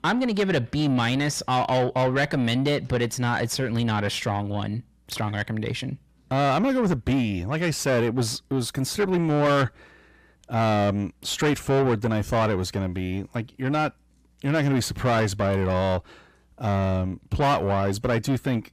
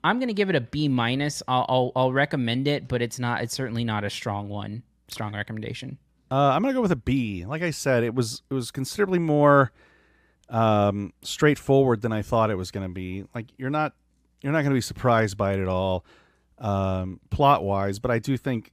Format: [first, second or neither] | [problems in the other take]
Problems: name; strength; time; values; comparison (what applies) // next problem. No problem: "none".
second | distortion; heavy; 7 dB below the speech